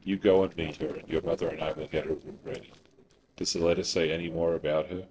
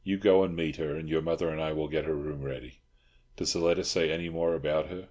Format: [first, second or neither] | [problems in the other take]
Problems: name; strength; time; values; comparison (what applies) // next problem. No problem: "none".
second | noise reduction (neural separator model SepFormer DNS4)